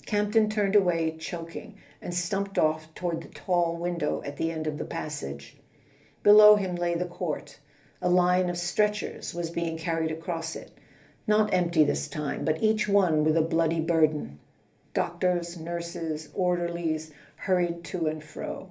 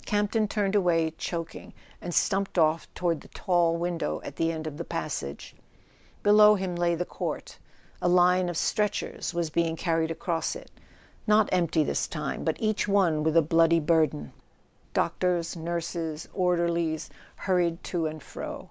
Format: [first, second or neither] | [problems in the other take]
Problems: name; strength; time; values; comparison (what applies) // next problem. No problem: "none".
second | room echo; dies away in 0.3 s